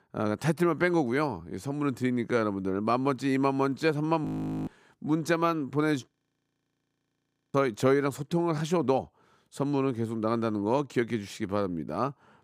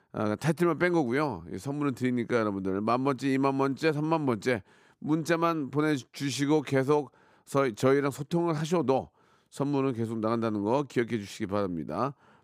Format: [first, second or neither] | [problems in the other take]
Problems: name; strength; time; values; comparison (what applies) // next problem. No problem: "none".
second | audio freezing; at 4.5 s and at 6 s for 1.5 s